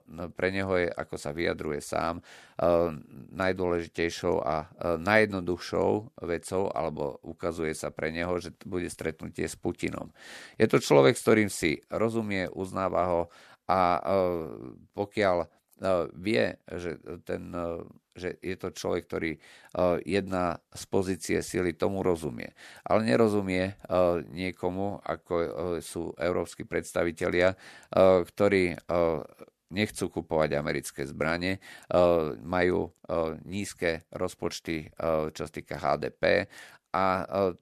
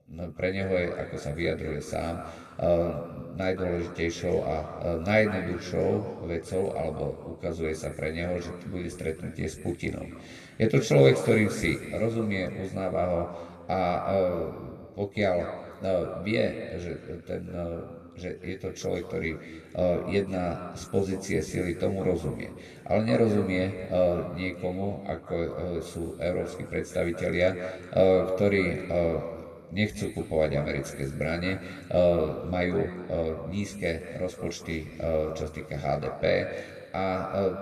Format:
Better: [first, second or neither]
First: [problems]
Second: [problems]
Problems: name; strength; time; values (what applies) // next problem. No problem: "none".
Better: first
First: none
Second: room echo; noticeable; dies away in 1.8 s // off-mic speech; somewhat distant